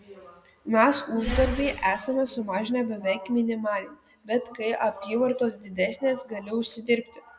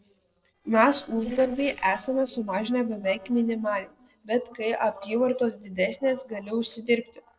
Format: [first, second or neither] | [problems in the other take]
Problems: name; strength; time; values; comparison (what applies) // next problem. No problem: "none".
first | noise reduction (neural separator model SepFormer DNS4)